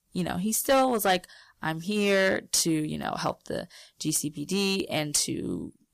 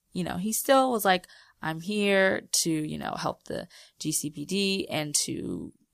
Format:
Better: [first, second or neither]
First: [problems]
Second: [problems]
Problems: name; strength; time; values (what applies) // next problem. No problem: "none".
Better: second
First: distortion; slight; 3% of the sound clipped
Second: none